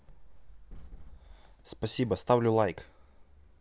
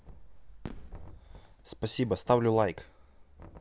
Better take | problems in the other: first | background sound (Knock + Fireworks); 19 dB below the speech

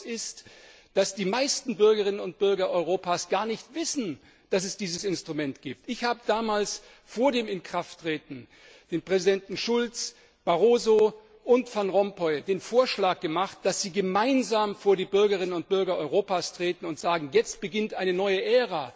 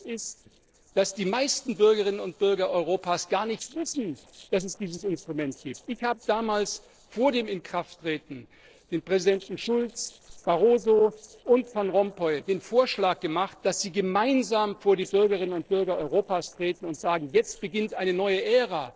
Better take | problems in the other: first | noise reduction (neural separator model SepFormer DNS4)

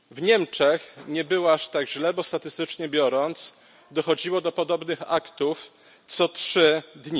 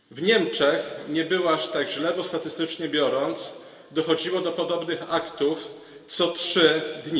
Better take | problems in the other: first | room echo; dies away in 1.9 s

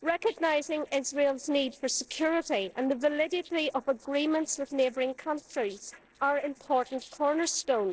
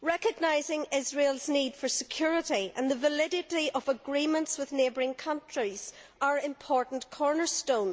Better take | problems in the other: second | noise reduction (neural separator model SepFormer DNS4)

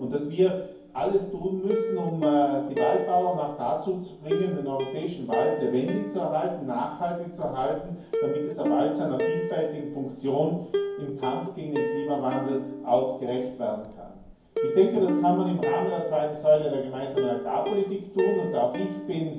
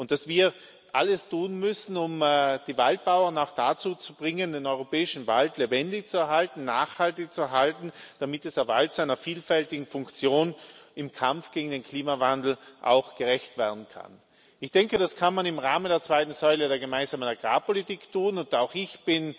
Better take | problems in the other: second | background sound (Plucked string instrument); 5 dB below the speech // room echo; dies away in 0.9 s

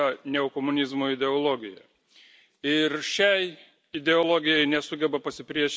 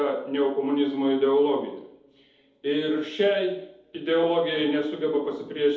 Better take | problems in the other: first | room echo; dies away in 2.2 s

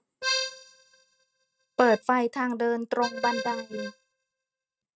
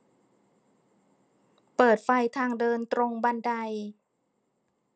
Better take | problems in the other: second | noise reduction (neural mask model RNNoise)

